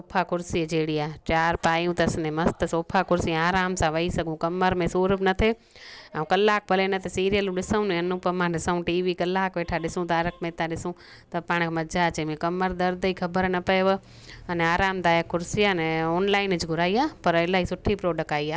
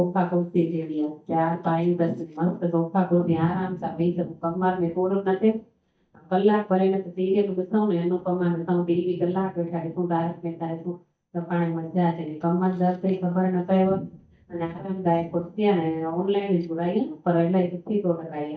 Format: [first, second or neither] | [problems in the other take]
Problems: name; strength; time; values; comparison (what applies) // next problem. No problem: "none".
first | noise reduction (neural mask model DeepFilterNet 3)